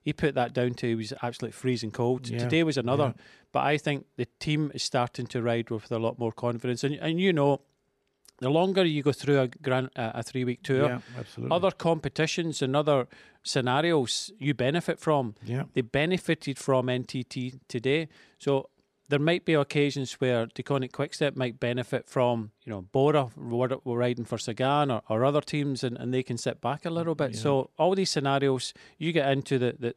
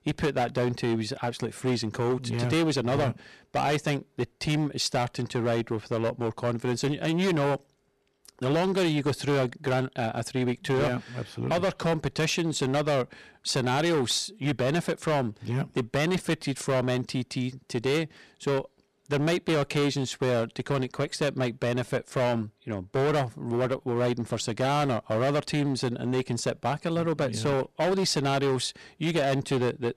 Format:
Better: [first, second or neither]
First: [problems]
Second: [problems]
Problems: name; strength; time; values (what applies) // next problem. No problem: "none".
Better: first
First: none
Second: distortion; heavy; 15% of the sound clipped